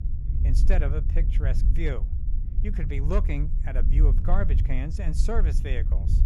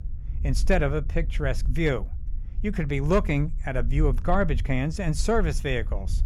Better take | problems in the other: second | low rumble; loud; throughout; 9 dB below the speech; faint in the second

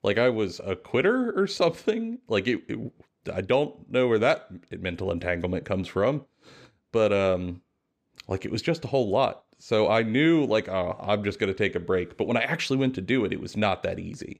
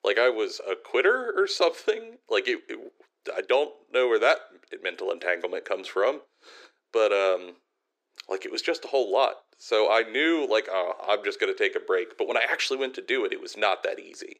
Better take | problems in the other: first | thin; very; fading below 350 Hz

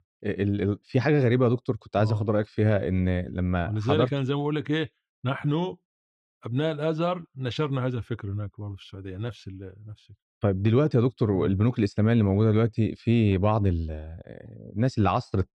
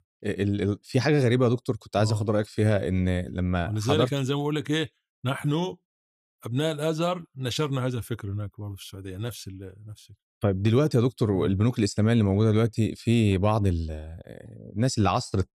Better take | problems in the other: second | muffled; slightly; fading above 3 kHz

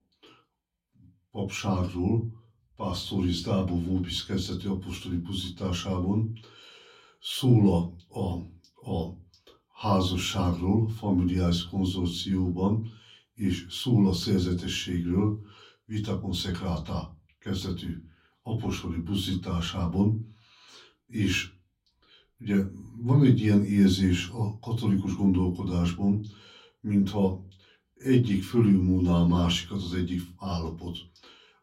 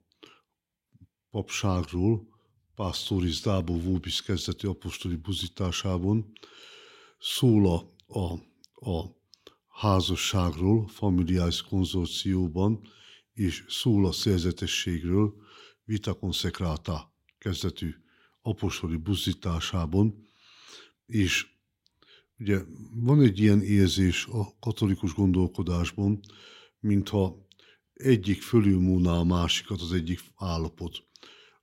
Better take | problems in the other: second | off-mic speech; far // room echo; very slight; dies away in 0.2 s

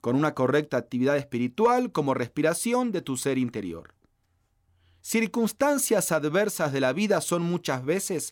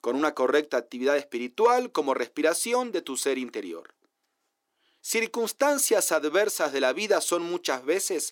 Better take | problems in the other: first | thin; somewhat; fading below 350 Hz

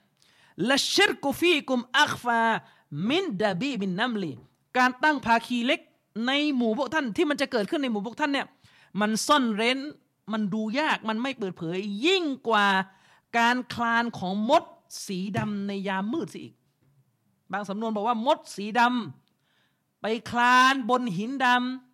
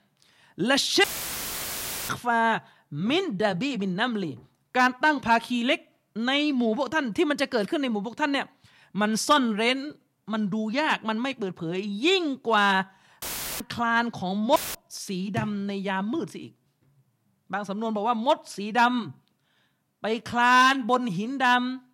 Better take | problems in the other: first | audio cutting out; filled with static; at 1 s for 1 s, at 13 s and at 15 s

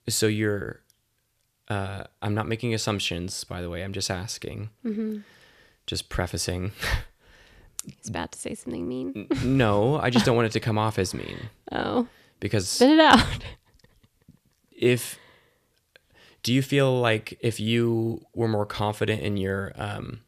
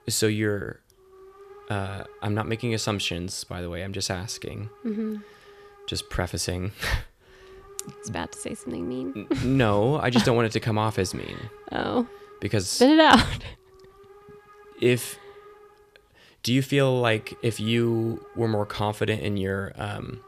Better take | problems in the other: first | hiss; faint; throughout; 25 dB below the speech

